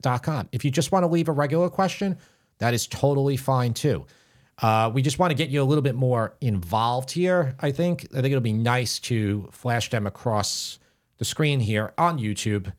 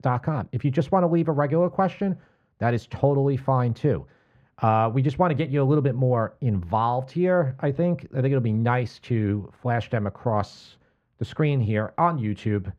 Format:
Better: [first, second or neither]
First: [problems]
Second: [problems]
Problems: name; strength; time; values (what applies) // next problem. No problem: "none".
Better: first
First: none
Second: muffled; very; fading above 4 kHz